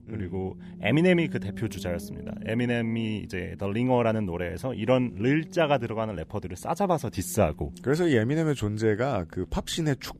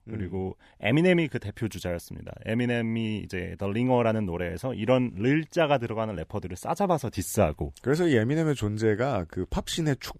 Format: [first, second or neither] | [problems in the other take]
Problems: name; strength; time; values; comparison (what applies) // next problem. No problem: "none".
second | low rumble; faint; throughout; 20 dB below the speech